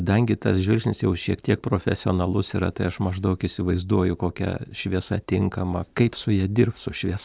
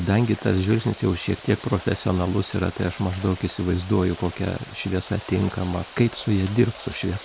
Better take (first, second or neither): first